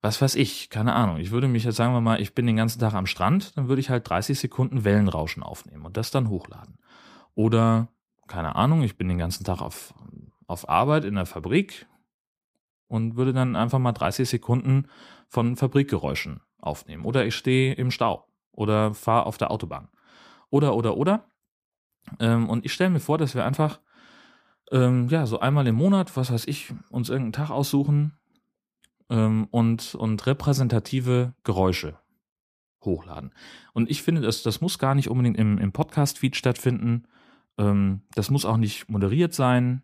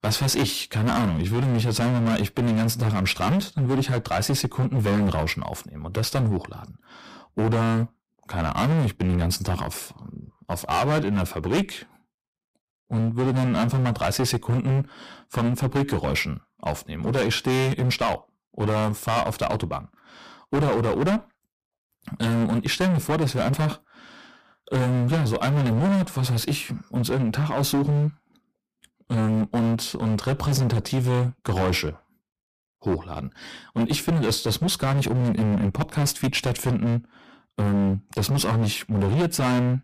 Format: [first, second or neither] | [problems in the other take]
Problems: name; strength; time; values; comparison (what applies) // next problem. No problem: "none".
first | distortion; heavy; 19% of the sound clipped